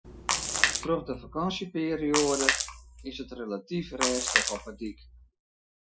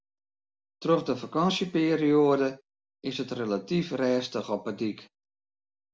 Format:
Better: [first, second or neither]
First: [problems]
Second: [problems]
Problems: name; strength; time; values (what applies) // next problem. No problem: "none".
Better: second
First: noise reduction (classical method Wiener filter)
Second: none